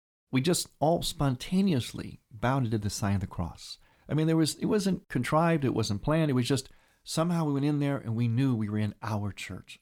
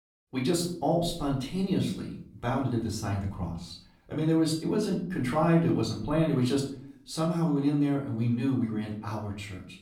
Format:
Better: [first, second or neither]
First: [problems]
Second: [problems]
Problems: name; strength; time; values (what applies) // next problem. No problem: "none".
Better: first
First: none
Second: off-mic speech; somewhat distant // room echo; slight; dies away in 0.5 s